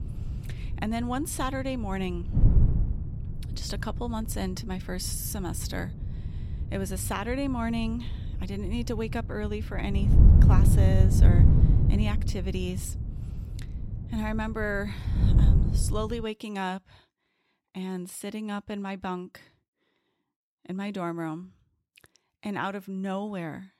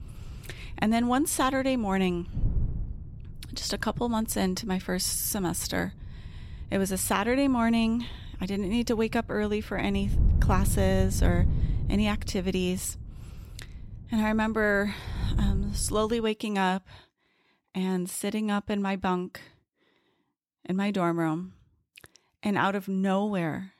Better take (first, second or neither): second